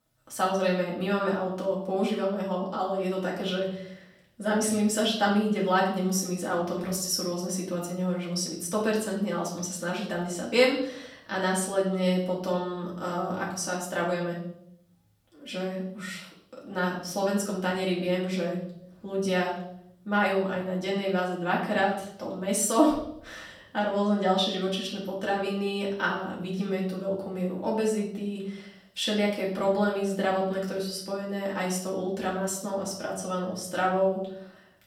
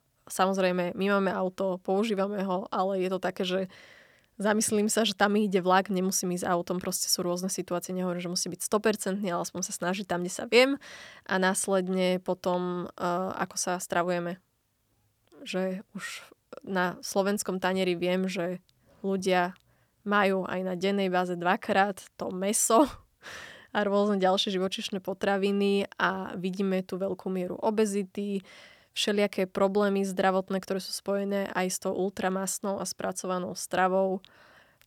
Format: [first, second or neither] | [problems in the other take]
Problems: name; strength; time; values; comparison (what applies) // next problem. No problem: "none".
second | room echo; noticeable; dies away in 0.7 s // off-mic speech; far